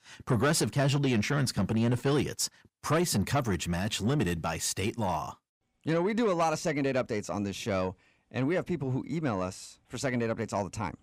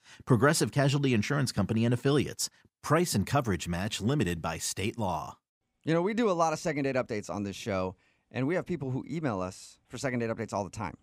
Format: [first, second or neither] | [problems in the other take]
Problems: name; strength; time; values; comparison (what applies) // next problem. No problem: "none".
second | distortion; slight; 10 dB below the speech